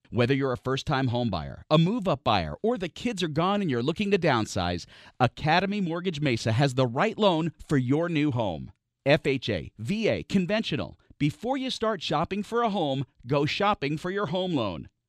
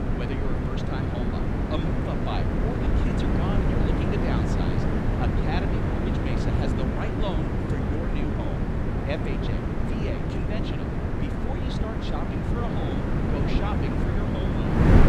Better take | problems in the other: first | wind noise on the microphone; heavy; 5 dB above the speech

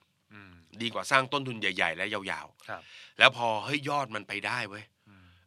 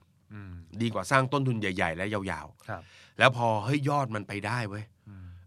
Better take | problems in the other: second | thin; somewhat; fading below 750 Hz

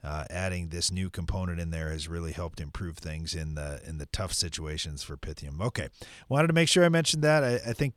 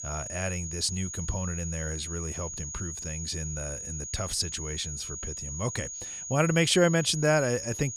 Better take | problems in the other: first | high-pitched whine; loud; throughout; 6.5 kHz, 6 dB below the speech

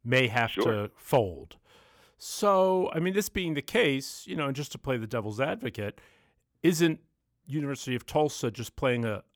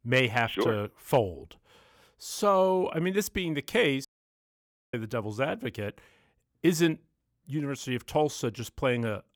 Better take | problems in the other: first | audio cutting out; at 4 s for 1 s

